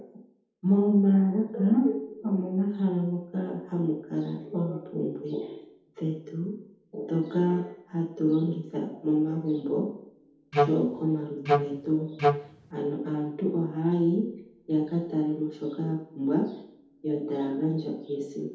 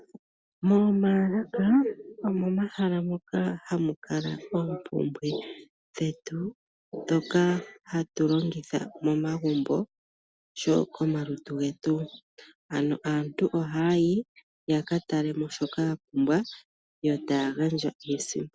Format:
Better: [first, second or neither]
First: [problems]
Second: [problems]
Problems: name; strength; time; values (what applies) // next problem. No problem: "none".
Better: second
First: background sound (Wind instrument, woodwind instrument); 1 dB above the speech // room echo; dies away in 0.8 s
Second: none